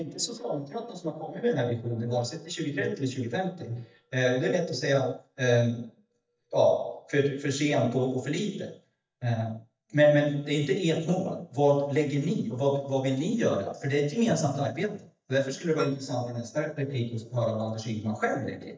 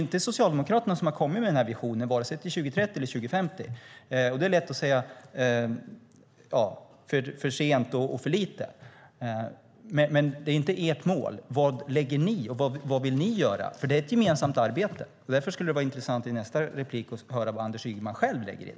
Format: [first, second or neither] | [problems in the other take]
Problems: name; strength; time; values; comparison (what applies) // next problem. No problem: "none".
second | noise reduction (neural mask model DeepFilterNet 3)